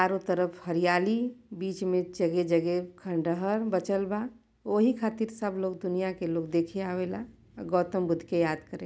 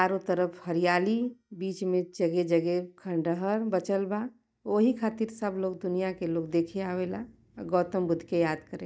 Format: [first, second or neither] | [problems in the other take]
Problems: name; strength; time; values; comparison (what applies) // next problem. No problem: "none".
first | noise reduction (neural mask model DeepFilterNet 3)